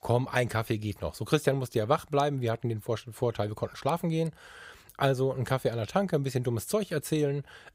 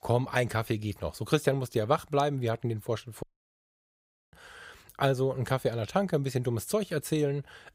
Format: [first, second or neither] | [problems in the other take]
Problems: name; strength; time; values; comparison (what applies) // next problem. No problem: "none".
first | audio cutting out; at 3 s for 1 s